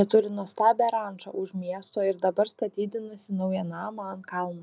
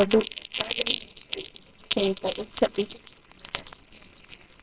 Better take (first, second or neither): first